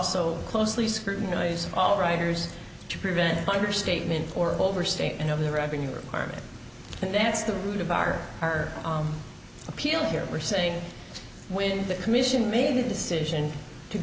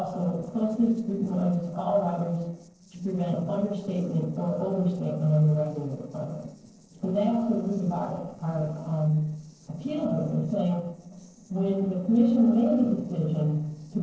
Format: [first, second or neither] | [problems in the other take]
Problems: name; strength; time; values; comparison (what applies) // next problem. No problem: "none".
first | noise reduction (neural separator model SepFormer DNS4)